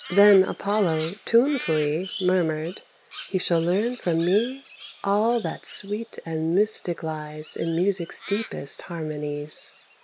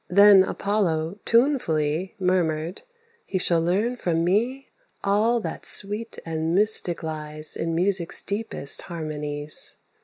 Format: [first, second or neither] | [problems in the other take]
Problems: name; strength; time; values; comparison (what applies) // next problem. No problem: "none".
second | background sound (Crow); 17 dB below the speech